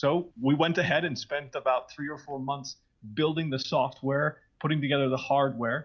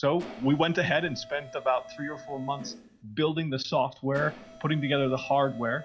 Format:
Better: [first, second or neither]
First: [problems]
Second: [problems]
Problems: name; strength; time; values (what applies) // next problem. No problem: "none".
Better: first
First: none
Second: background sound (Mechanisms); 18 dB below the speech